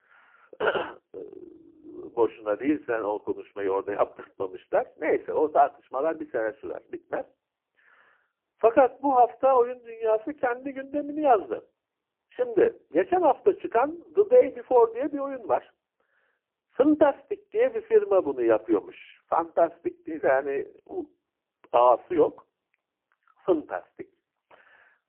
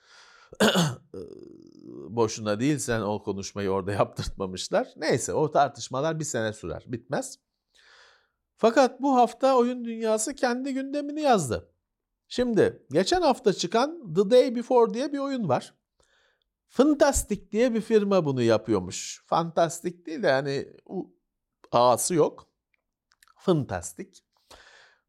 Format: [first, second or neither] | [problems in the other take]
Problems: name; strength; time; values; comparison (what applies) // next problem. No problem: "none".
second | phone-call audio; poor line